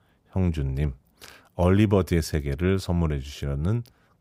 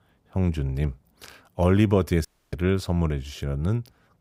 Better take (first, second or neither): first